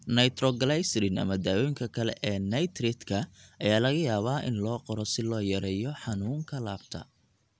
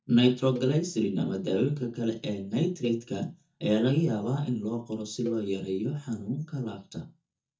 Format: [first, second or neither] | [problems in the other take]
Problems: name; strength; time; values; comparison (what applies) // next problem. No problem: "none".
first | noise reduction (neural mask model DeepFilterNet 3)